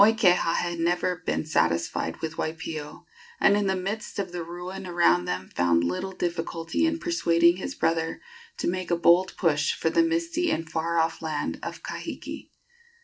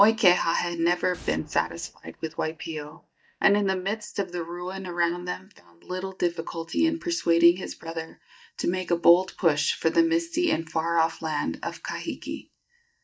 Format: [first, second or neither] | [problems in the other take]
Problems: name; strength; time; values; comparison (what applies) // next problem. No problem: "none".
first | noise reduction (neural mask model DeepFilterNet 3)